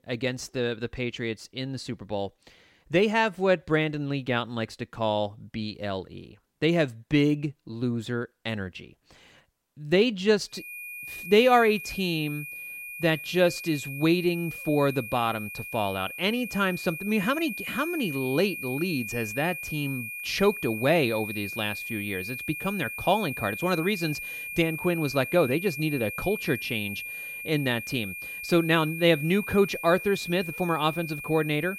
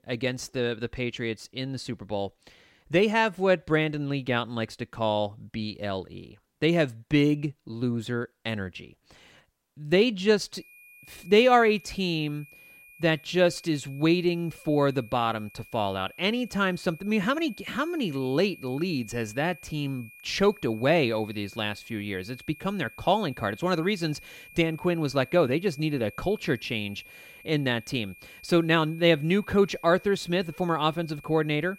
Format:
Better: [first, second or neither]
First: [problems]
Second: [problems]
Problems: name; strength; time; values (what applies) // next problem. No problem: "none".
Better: second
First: high-pitched whine; loud; from 11 s on; 2.5 kHz, 8 dB below the speech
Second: high-pitched whine; faint; from 11 s on; 2.5 kHz, 20 dB below the speech